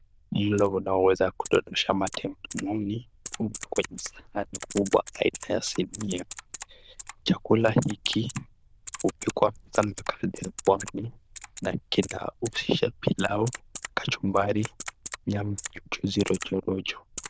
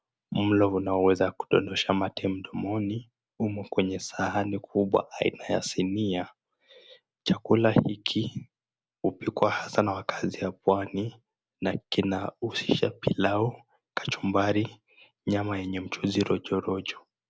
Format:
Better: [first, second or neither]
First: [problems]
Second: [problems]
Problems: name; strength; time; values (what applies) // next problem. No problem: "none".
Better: second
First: noise reduction (neural diffusion model UNIVERSE++)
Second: none